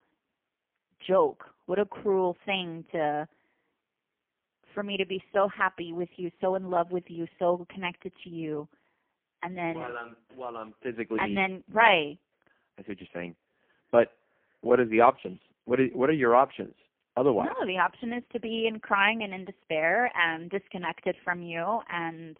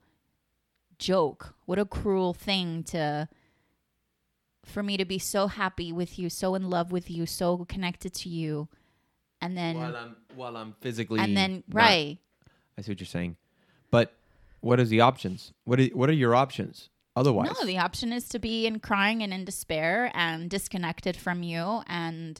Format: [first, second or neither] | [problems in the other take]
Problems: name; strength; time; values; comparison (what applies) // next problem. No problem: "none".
second | phone-call audio; poor line; nothing above 3.5 kHz